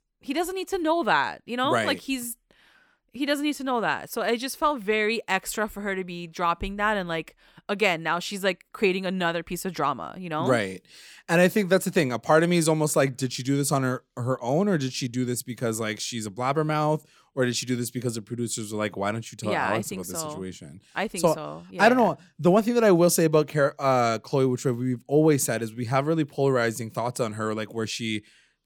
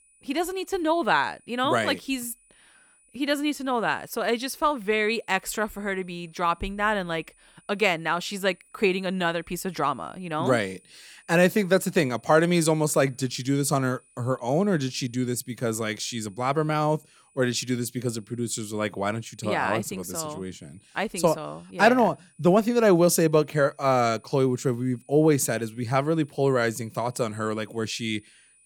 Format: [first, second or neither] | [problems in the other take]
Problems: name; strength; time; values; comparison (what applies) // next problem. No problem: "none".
first | high-pitched whine; faint; throughout; 9.5 kHz, 30 dB below the speech